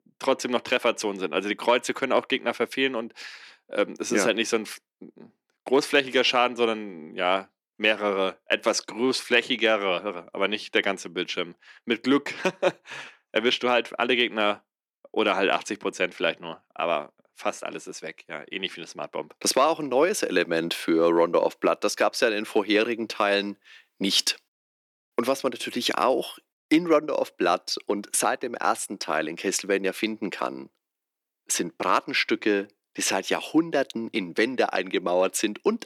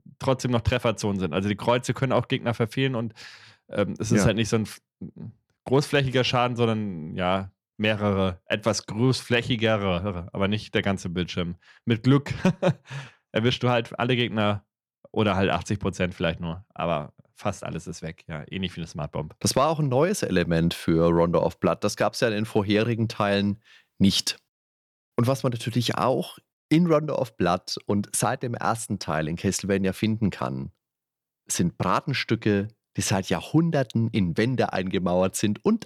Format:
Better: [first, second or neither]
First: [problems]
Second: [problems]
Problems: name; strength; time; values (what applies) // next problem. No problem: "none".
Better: second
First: thin; somewhat; fading below 300 Hz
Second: none